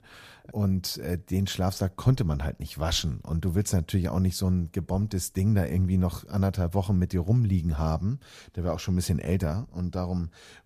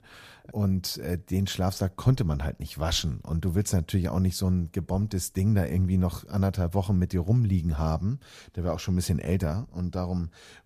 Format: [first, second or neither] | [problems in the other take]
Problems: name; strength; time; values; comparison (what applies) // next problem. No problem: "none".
neither | none